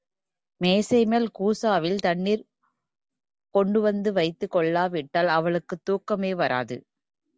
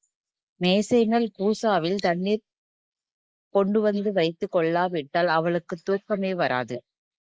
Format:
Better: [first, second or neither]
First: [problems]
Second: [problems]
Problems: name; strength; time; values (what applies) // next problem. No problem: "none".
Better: first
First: none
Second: noise reduction (neural mask model Resemble Enhance denoiser)